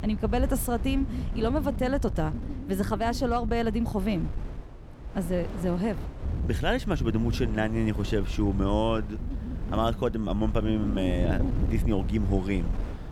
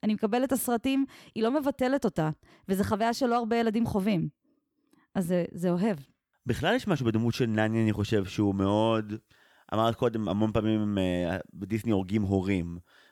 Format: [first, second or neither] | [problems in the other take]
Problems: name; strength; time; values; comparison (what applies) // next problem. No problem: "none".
second | wind noise on the microphone; occasional gusts; 10 dB below the speech